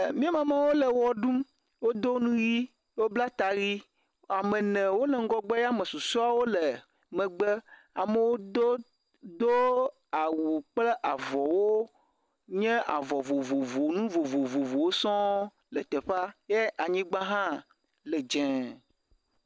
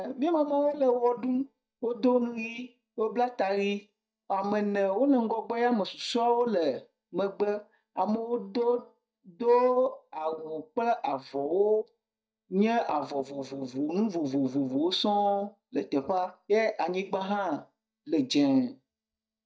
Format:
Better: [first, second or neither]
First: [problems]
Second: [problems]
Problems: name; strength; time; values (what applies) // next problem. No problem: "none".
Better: first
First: none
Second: noise reduction (neural mask model DeepFilterNet 3)